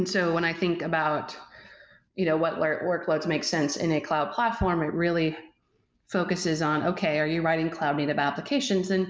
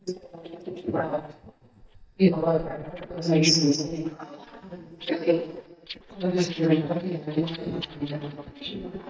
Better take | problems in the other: first | noise reduction (neural mask model DeepFilterNet 3)

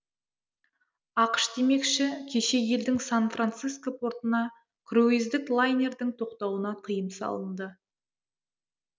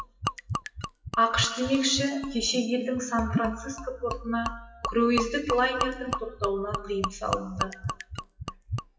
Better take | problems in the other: first | noise reduction (classical method WPE with log-MMSE)

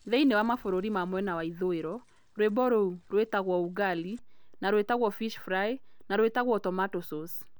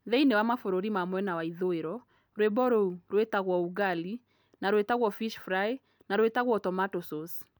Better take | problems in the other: second | background sound (Mechanisms / Bicycle); 20 dB below the speech

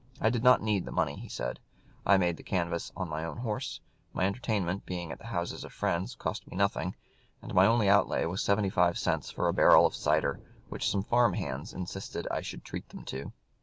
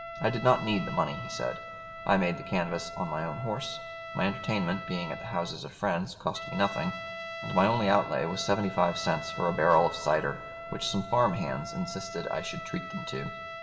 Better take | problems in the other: first | background sound (Trumpet); 10 dB below the speech // room echo; dies away in 2.9 s

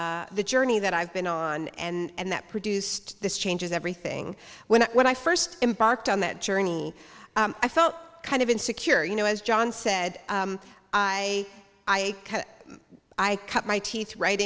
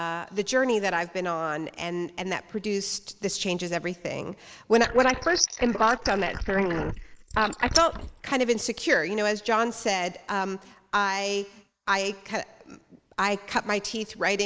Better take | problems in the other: first | noise reduction (neural mask model Resemble Enhance denoiser)

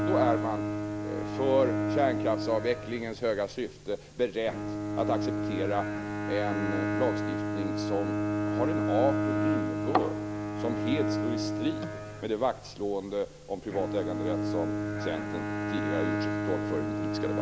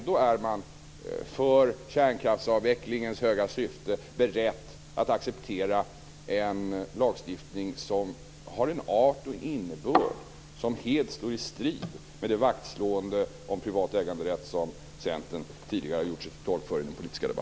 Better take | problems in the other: second | background sound (Bowed string instrument); 1 dB above the speech

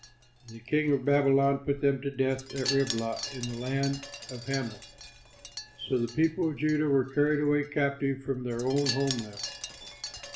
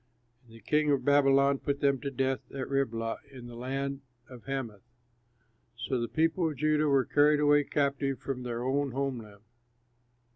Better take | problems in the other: second | background sound (Wind chime); 13 dB below the speech // room echo; dies away in 0.4 s

